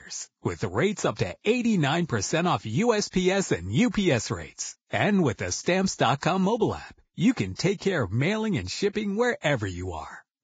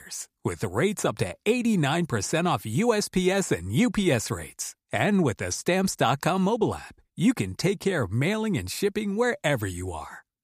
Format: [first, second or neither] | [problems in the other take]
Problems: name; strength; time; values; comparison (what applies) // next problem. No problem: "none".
second | garbled, watery; badly; nothing above 7.5 kHz